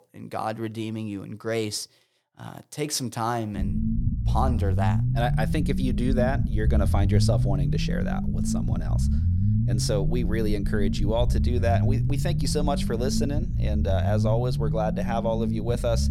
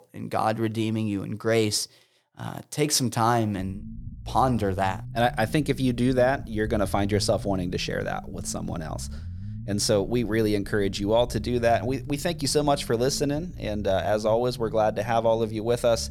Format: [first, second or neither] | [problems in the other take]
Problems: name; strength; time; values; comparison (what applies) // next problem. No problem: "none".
second | low rumble; loud; from 3.5 s on; 7 dB below the speech; faint in the second